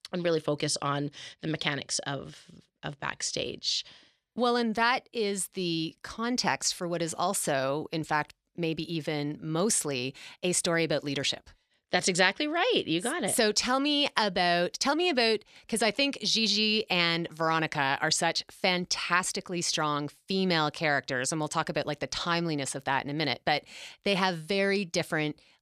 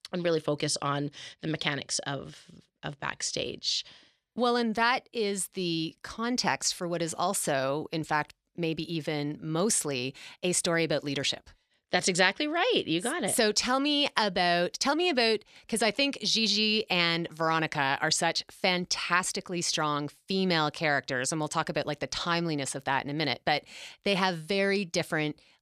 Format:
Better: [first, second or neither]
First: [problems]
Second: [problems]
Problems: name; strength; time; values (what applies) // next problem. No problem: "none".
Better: neither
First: none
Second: none